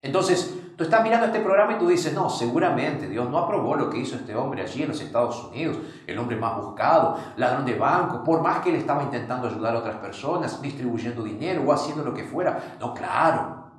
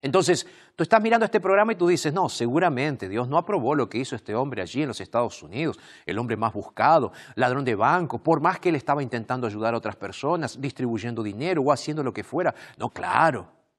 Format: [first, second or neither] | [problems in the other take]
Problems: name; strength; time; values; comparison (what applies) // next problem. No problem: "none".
second | room echo; slight; dies away in 0.6 s // off-mic speech; somewhat distant